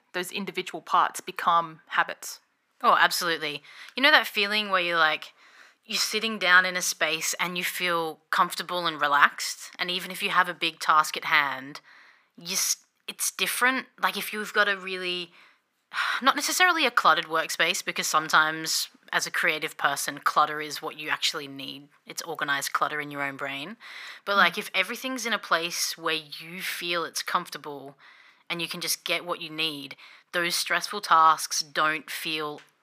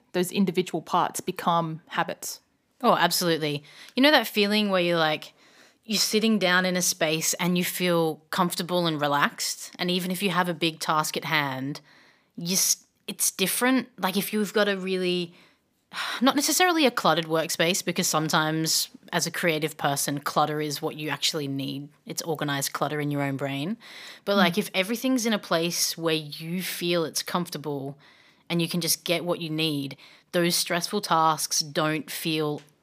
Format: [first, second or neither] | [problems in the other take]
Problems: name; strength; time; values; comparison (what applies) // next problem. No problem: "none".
second | thin; somewhat; fading below 900 Hz